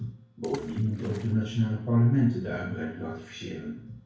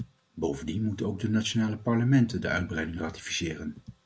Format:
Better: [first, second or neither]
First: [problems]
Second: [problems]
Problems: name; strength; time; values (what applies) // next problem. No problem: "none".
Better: second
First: background sound (Water / Splash, splatter); 19 dB below the speech // room echo; dies away in 0.6 s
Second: none